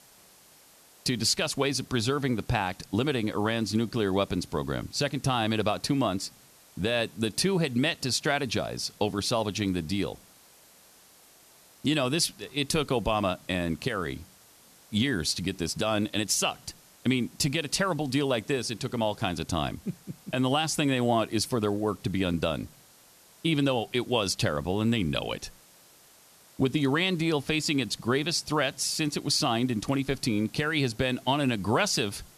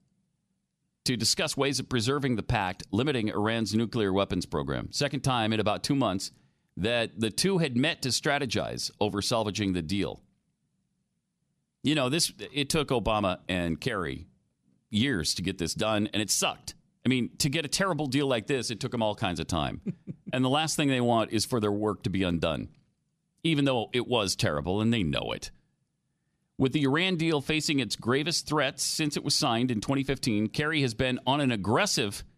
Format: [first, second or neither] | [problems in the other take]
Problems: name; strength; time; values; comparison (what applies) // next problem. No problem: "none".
second | hiss; faint; throughout; 25 dB below the speech